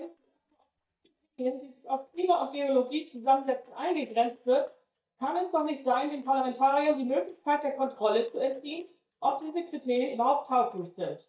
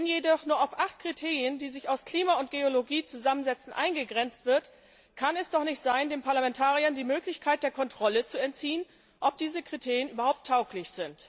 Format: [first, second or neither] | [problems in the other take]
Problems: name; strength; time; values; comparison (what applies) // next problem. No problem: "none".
second | noise reduction (neural mask model DeepFilterNet 3)